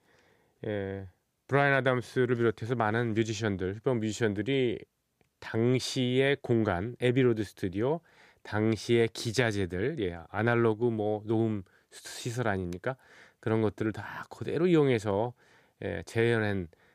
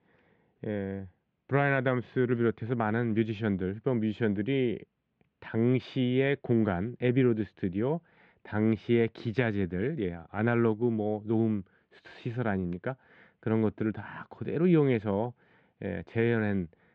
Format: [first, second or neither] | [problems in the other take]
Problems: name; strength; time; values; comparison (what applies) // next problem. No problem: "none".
first | muffled; very; fading above 3 kHz